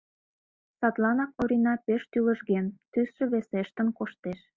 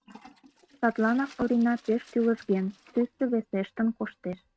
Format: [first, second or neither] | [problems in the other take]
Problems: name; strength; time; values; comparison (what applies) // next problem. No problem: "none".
first | noise reduction (neural mask model RNNoise)